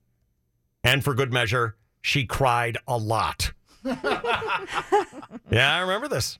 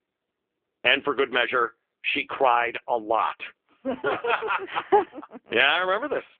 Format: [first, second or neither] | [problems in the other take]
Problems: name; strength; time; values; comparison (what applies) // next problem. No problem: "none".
first | phone-call audio; poor line; nothing above 3.5 kHz